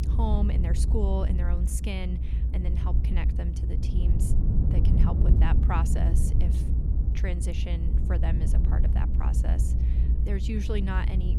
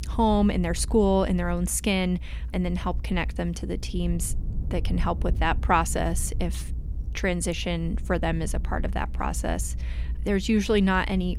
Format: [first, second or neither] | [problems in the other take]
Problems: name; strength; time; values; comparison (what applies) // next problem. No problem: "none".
second | low rumble; loud; throughout; 4 dB below the speech; faint in the second